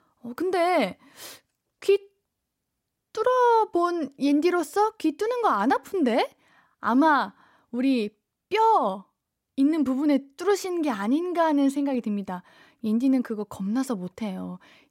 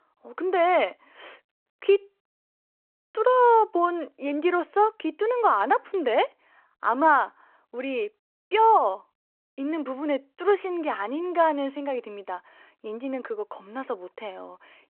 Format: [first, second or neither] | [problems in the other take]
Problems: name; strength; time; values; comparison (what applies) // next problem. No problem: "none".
first | phone-call audio